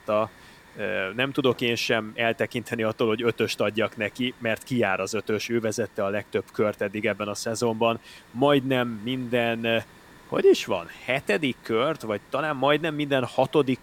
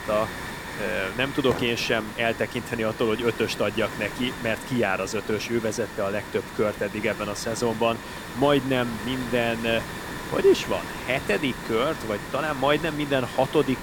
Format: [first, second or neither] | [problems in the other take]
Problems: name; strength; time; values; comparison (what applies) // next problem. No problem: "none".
first | hiss; loud; throughout; 9 dB below the speech; faint in the first